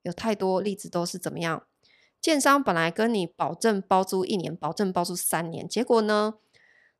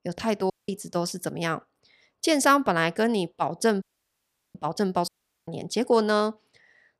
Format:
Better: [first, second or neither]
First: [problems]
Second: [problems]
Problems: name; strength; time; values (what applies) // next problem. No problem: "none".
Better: first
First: none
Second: audio cutting out; at 0.5 s, at 4 s for 0.5 s and at 5 s